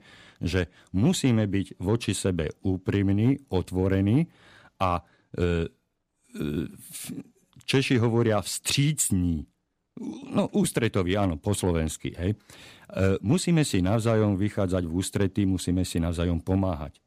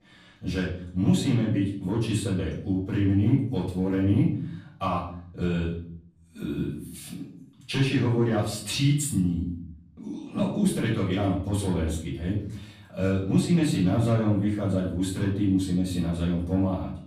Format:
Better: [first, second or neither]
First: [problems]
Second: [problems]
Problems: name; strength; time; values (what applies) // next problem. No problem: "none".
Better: first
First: none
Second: off-mic speech; far // room echo; noticeable; dies away in 0.7 s